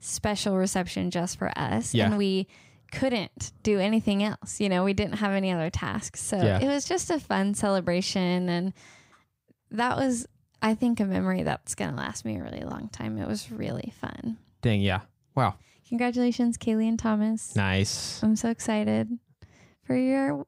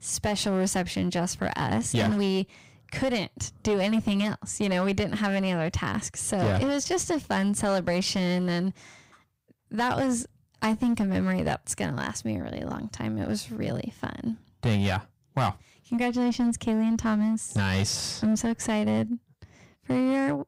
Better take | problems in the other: first | distortion; slight; 9% of the sound clipped

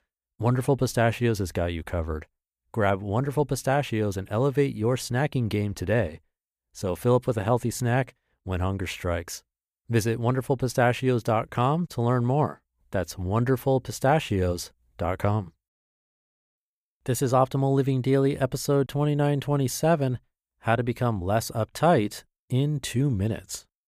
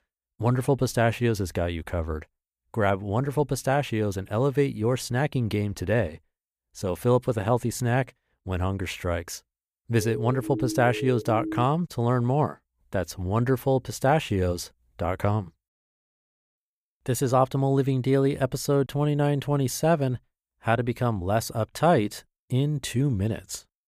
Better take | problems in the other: first | siren; noticeable; from 10 to 12 s; peak 7 dB below the speech

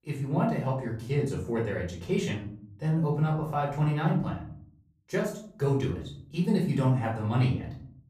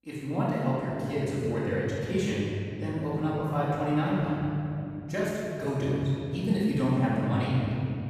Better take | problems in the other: first | room echo; strong; dies away in 3 s; slight in the first // off-mic speech; far; far in the first

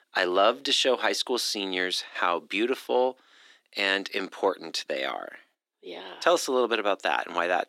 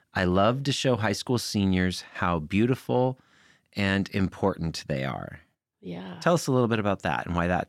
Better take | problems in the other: second | thin; very; fading below 300 Hz

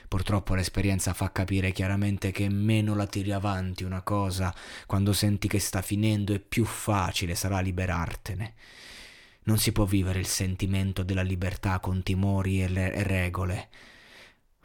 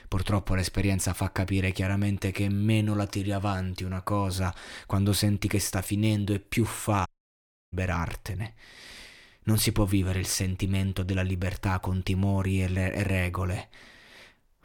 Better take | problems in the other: first | audio cutting out; at 7 s for 0.5 s

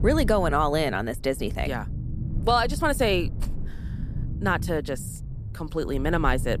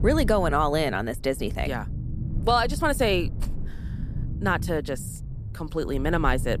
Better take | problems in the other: neither | low rumble; noticeable; throughout; 20 dB below the speech; the same in both

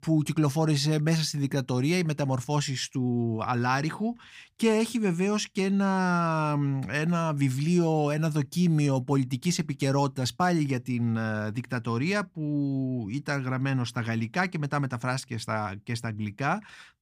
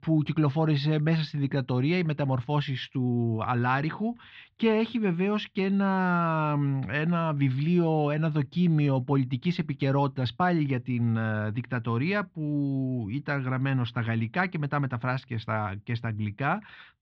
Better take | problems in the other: first | muffled; slightly; fading above 4 kHz

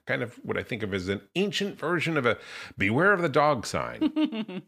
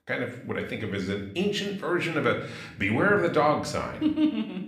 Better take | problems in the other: first | room echo; slight; dies away in 0.6 s // off-mic speech; somewhat distant

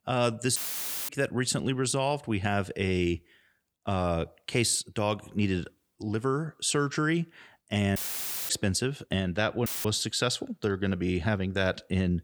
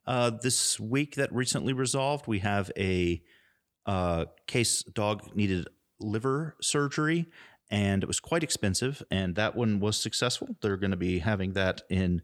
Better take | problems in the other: second | audio cutting out; filled with static; at 0.5 s for 0.5 s, at 8 s for 0.5 s and at 9.5 s

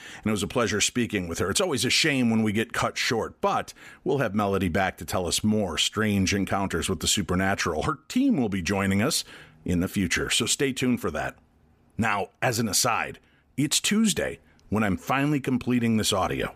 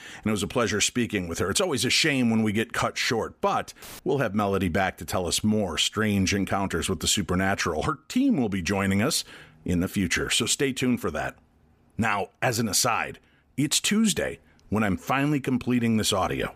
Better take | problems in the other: first | audio cutting out; filled with static; at 4 s

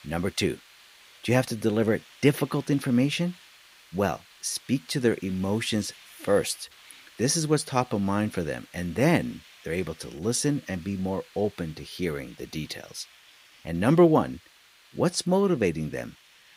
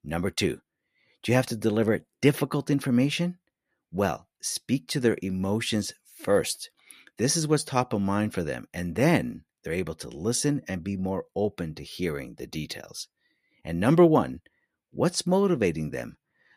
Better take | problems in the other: second | hiss; faint; throughout; 25 dB below the speech

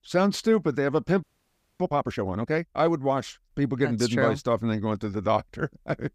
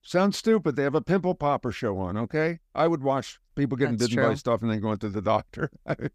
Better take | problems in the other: second | audio freezing; at 1 s for 0.5 s

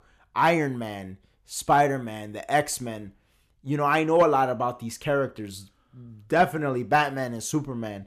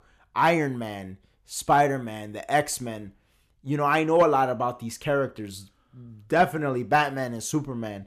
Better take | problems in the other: neither | none

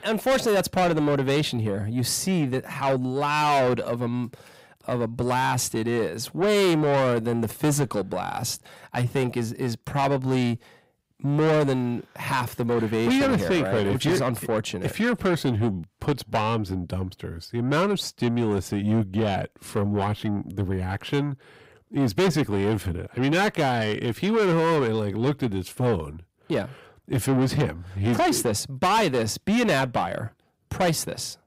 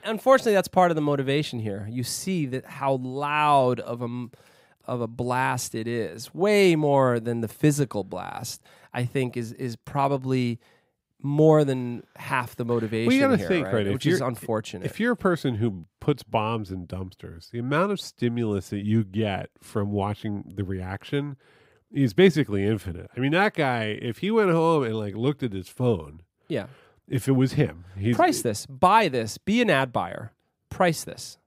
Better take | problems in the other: second | distortion; heavy; 7 dB below the speech

